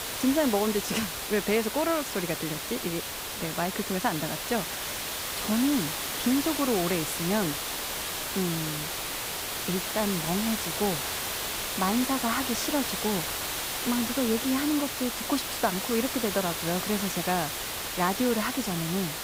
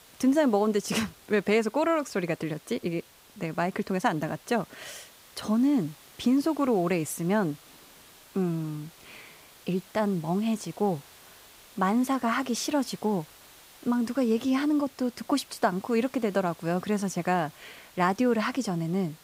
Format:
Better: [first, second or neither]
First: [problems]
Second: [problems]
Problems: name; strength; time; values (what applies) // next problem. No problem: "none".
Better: second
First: hiss; loud; throughout; 1 dB below the speech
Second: hiss; faint; throughout; 25 dB below the speech